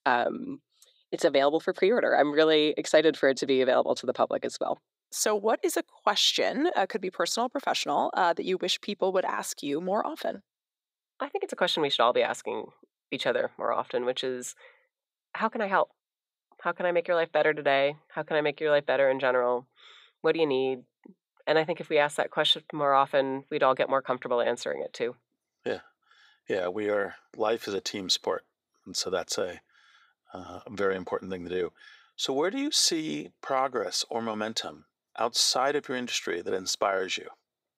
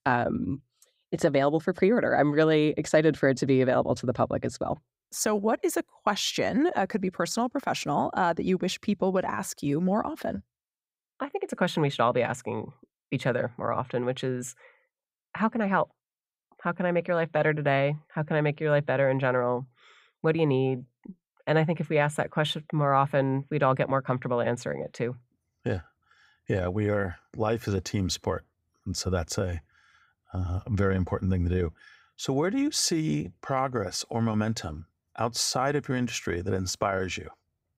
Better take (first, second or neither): second